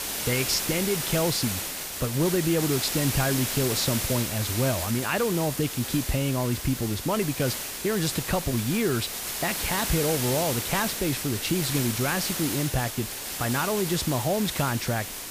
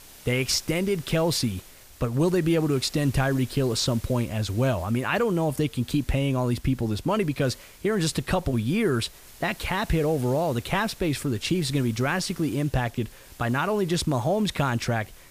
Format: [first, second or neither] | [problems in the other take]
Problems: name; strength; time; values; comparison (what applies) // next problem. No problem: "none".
second | hiss; loud; throughout; 2 dB below the speech; faint in the second